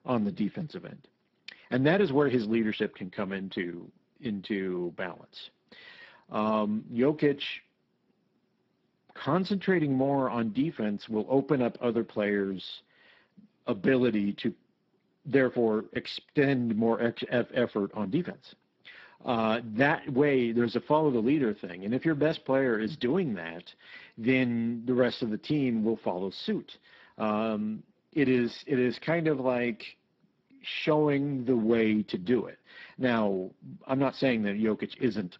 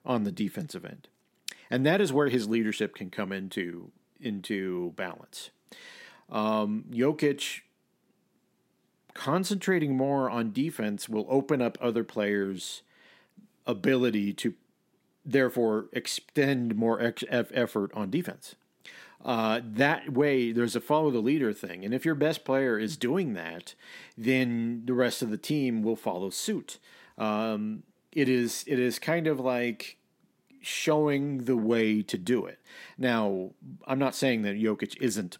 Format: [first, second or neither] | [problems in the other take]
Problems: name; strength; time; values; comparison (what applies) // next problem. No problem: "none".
second | garbled, watery; badly